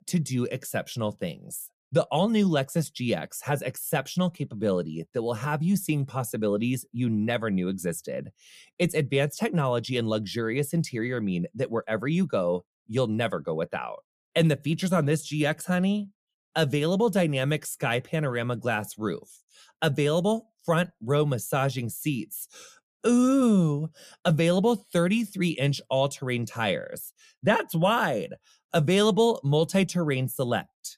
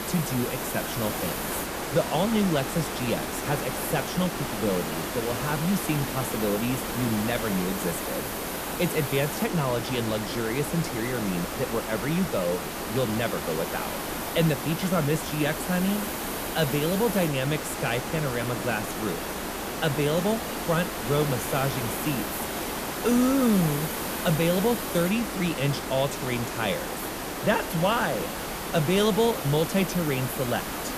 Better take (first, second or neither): first